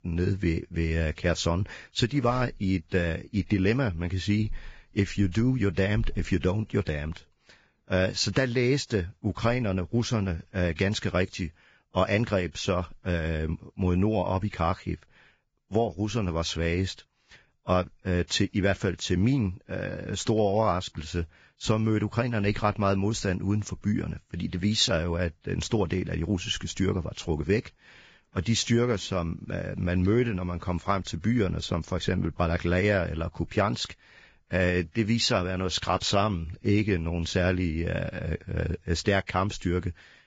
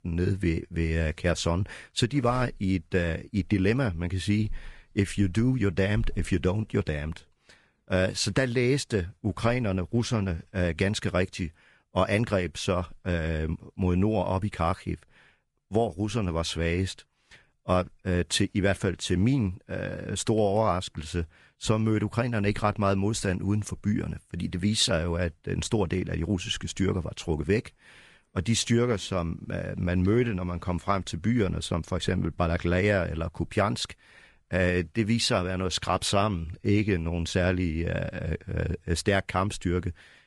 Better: second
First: garbled, watery; badly; nothing above 7.5 kHz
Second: garbled, watery; slightly; nothing above 10.5 kHz

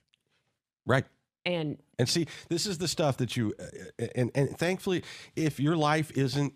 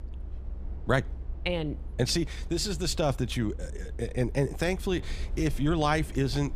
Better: first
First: none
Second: low rumble; faint; throughout; 25 dB below the speech

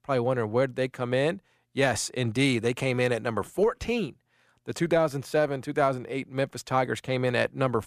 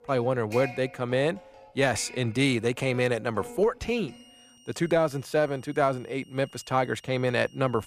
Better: first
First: none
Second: background music; noticeable; throughout; 20 dB below the speech

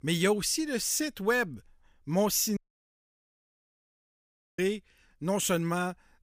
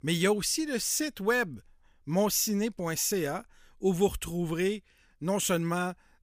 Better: second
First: audio cutting out; at 2.5 s for 2 s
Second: none

